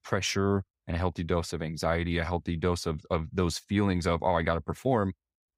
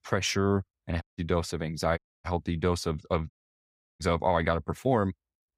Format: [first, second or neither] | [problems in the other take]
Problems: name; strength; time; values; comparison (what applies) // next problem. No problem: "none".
first | audio cutting out; at 1 s, at 2 s and at 3.5 s for 0.5 s